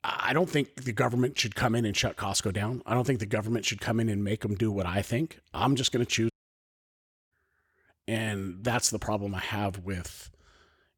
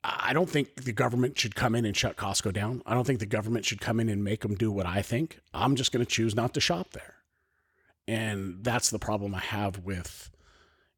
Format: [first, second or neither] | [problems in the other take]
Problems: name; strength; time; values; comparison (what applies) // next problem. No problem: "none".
second | audio cutting out; at 6.5 s for 1 s